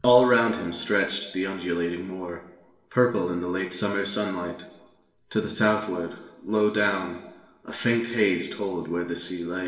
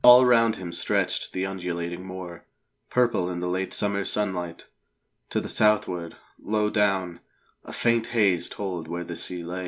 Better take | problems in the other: second | room echo; dies away in 0.9 s

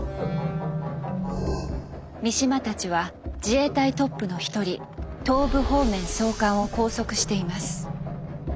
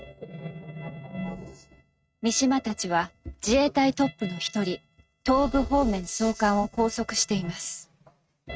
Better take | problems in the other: first | noise reduction (neural mask model RNNoise)

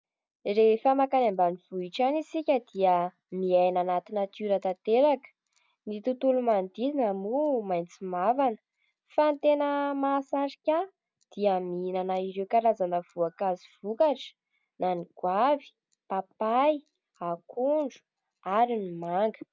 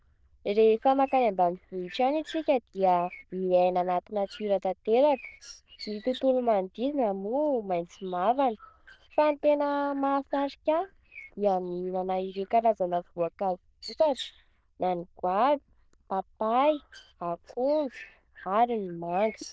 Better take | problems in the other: first | noise reduction (neural diffusion model UNIVERSE++)

